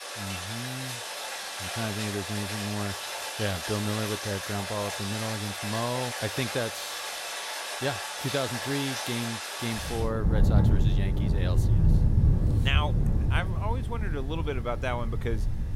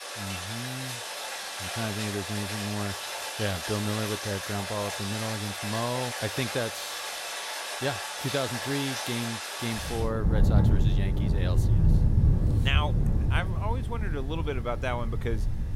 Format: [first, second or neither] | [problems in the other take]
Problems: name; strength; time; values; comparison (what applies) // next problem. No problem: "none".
neither | rain or running water; very loud; throughout; 4 dB above the speech; the same in both